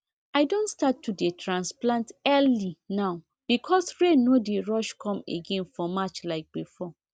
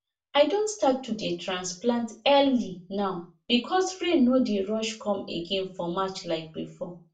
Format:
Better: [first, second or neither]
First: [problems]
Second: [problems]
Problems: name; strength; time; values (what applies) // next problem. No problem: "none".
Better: first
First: none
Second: room echo; dies away in 0.3 s